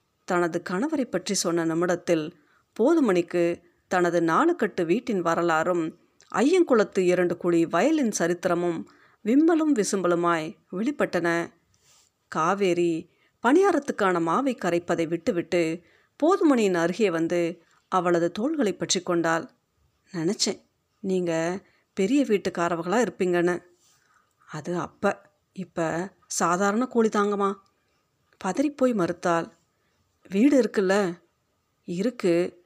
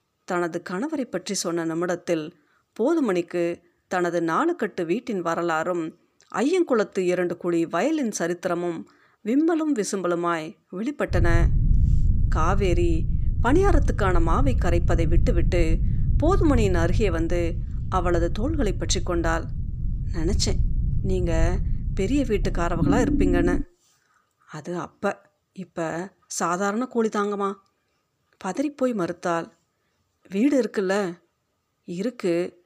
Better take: first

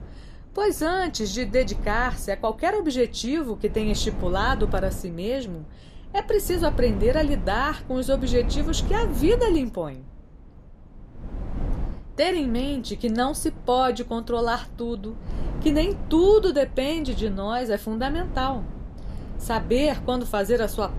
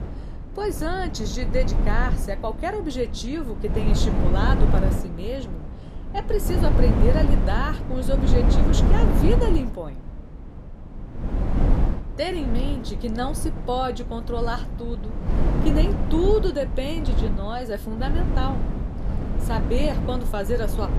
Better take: first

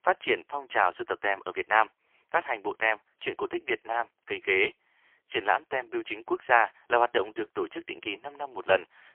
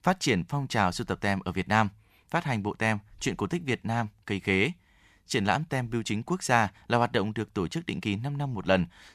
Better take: second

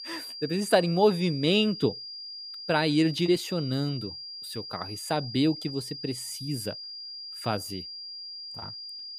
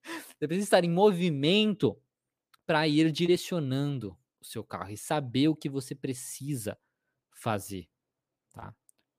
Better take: second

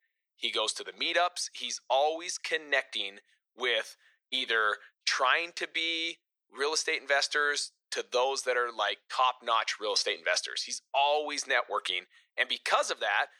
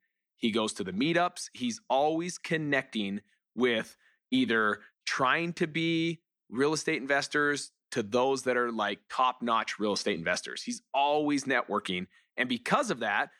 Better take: second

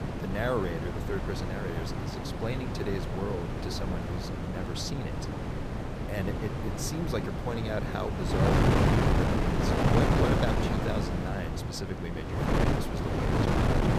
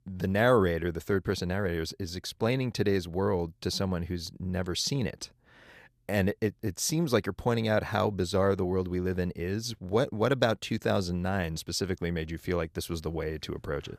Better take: second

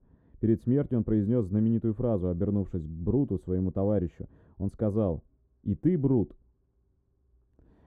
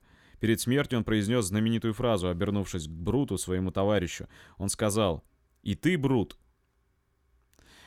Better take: second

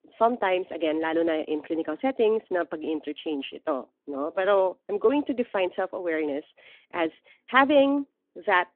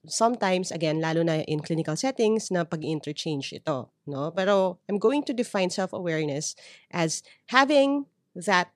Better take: second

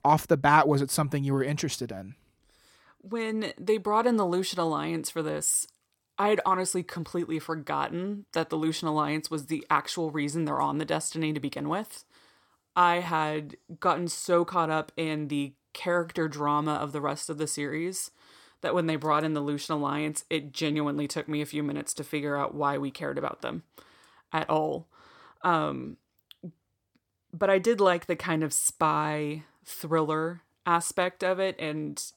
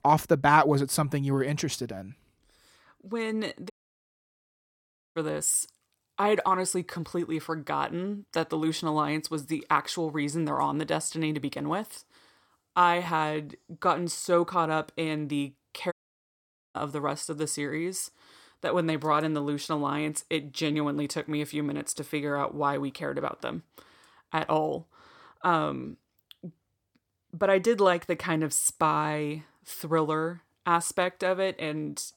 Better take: first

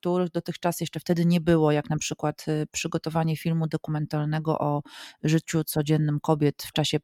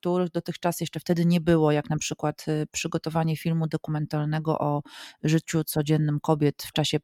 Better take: neither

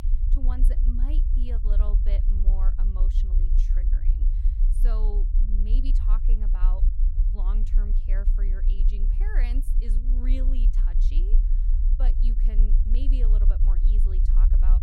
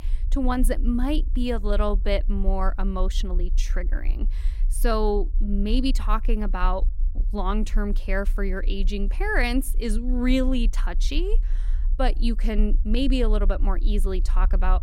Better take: second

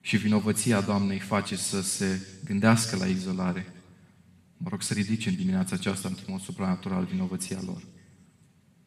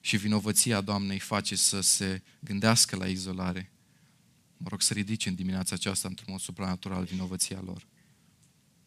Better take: second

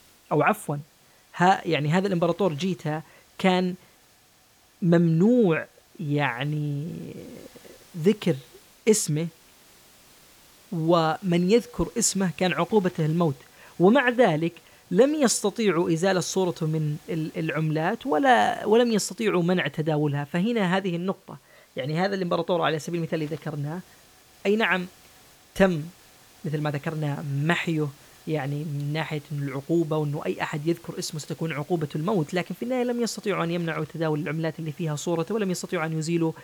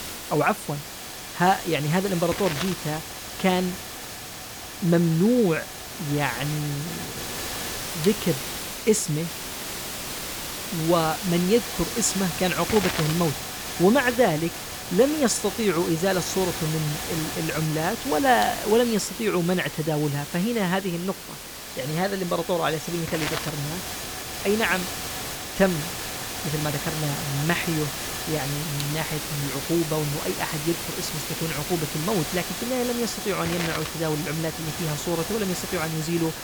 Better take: first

